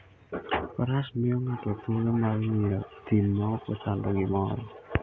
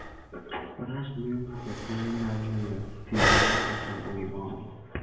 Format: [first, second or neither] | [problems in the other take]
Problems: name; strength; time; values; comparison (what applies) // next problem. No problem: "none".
first | background sound (Breathing); 2 dB above the speech // room echo; dies away in 1 s